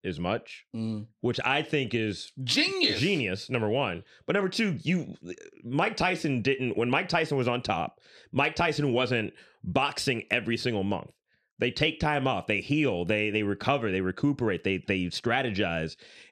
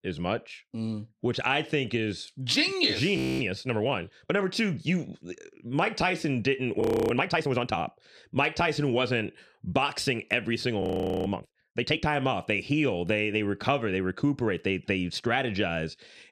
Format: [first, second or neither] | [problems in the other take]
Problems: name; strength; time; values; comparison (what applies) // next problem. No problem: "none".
first | audio freezing; at 3 s, at 7 s and at 11 s